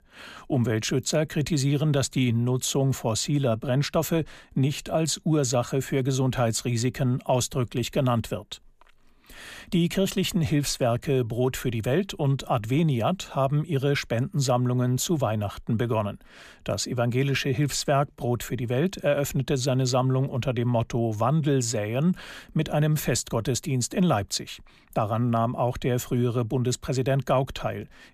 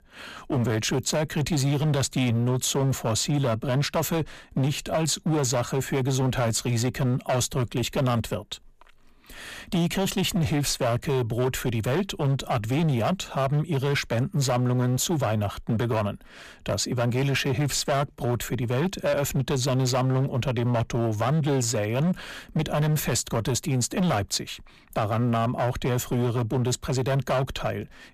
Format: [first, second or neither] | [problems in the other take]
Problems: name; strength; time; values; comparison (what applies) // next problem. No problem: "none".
first | distortion; slight; 17% of the sound clipped